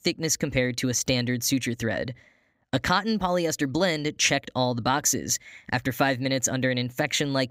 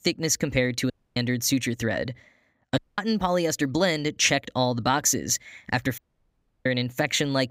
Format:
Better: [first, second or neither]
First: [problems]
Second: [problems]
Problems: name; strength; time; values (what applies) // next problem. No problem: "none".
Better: first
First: none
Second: audio cutting out; at 1 s, at 3 s and at 6 s for 0.5 s